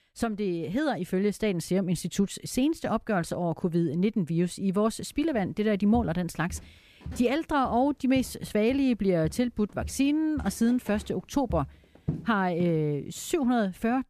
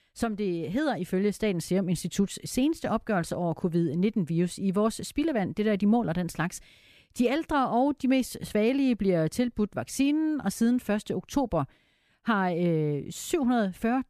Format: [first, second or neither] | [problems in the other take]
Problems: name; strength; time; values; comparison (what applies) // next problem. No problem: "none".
second | footsteps; noticeable; from 6 to 13 s; peak 7 dB below the speech